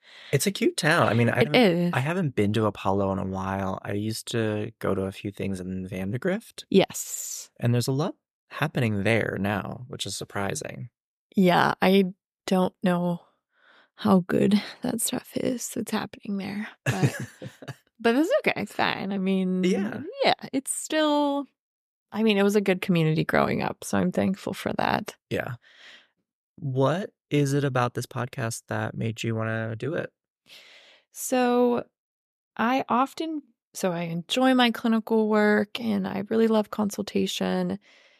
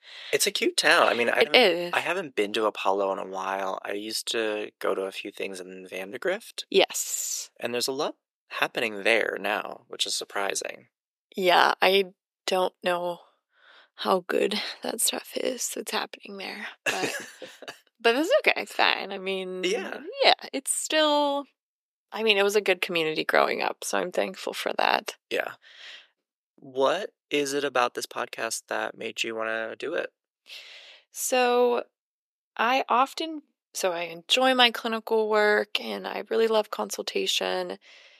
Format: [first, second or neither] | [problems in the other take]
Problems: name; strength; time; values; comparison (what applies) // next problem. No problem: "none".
first | thin; somewhat; fading below 350 Hz